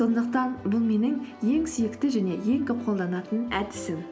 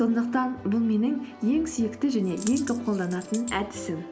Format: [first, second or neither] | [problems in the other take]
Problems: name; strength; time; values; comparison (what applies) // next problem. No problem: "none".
first | background sound (Coin (dropping)); 15 dB below the speech